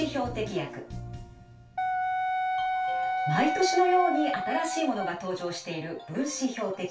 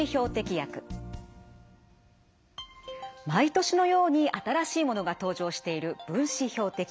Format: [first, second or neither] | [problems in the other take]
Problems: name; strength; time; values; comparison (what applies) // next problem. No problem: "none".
second | background sound (Wind instrument, woodwind instrument); 1 dB above the speech // room echo; dies away in 0.3 s